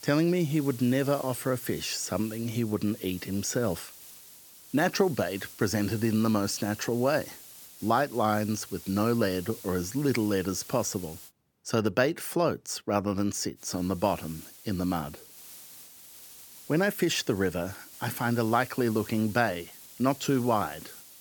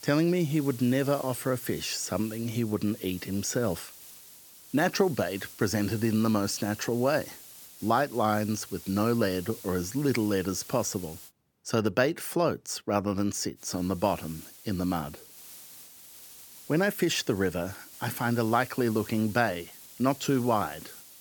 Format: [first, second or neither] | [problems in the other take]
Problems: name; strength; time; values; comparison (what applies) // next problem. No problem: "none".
neither | hiss; noticeable; until 11 s and from 14 s on; 15 dB below the speech; the same in both